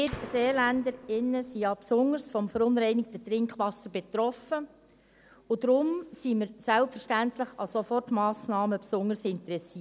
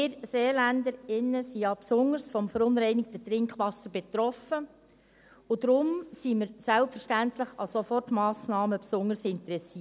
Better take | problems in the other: second | background sound (Gunshot, gunfire); 15 dB below the speech

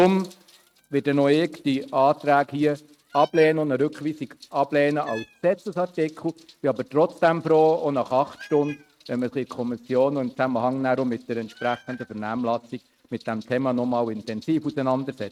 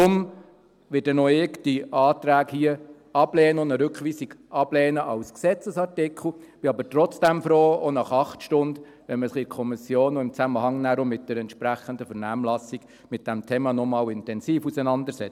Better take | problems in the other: second | noise reduction (neural mask model RNNoise)

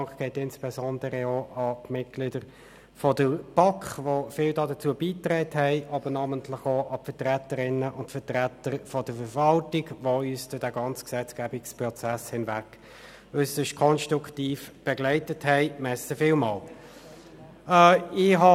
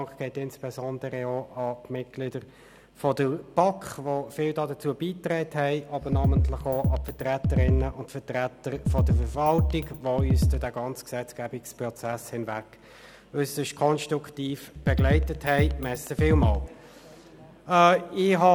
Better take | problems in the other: first | background sound (Drum kit); 3 dB above the speech

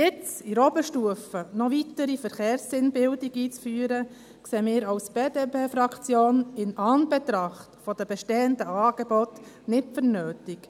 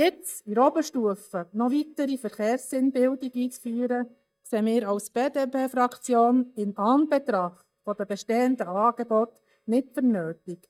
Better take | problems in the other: first | noise reduction (neural mask model DeepFilterNet 3)

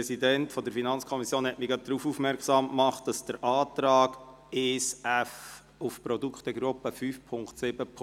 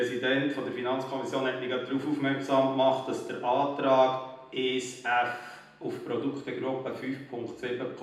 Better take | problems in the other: first | room echo; dies away in 0.8 s

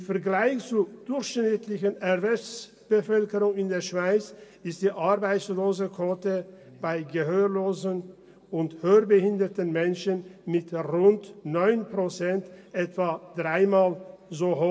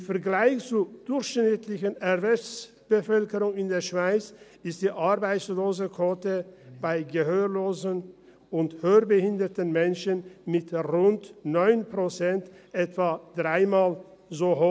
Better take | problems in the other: second | room echo; dies away in 2.1 s

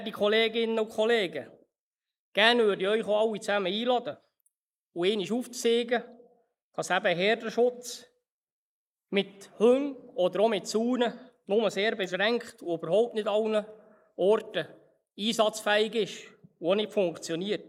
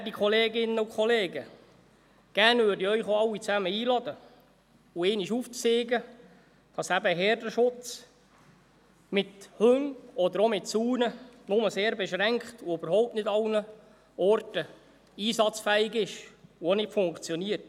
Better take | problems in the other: second | noise reduction (neural mask model Resemble Enhance denoiser)

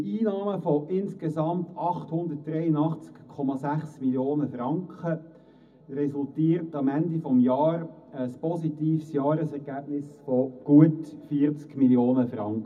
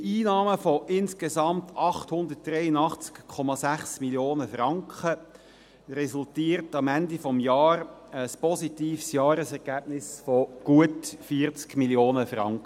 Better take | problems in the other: second | room echo; dies away in 0.4 s

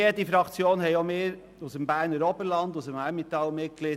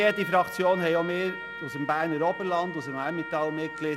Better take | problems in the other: first | background sound (Trumpet); 10 dB below the speech

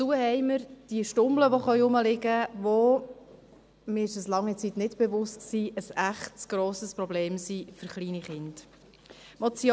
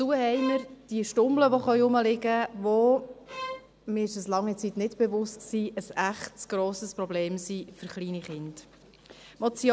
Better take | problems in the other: first | background sound (Bowed string instrument); 13 dB below the speech

